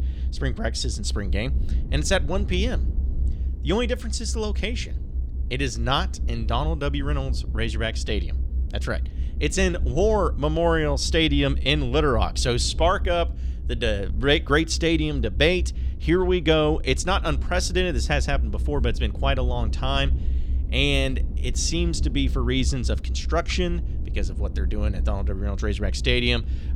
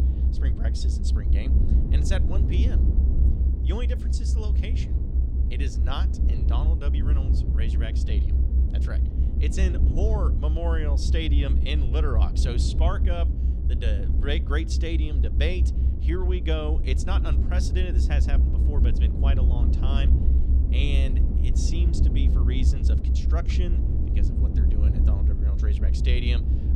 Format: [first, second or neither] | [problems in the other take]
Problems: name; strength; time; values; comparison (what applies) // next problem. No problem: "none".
first | low rumble; loud; throughout; 4 dB below the speech; faint in the first